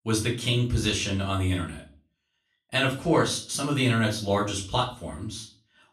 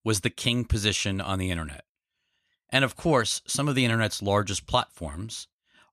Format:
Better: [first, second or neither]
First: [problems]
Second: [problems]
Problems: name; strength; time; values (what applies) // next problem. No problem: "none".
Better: second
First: room echo; slight; dies away in 0.3 s // off-mic speech; far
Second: none